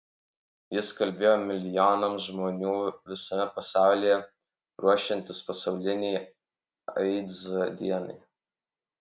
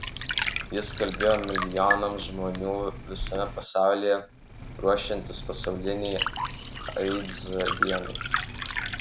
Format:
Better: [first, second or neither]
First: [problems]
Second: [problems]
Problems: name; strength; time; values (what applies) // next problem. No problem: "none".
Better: first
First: none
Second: background sound (Liquid); 4 dB below the speech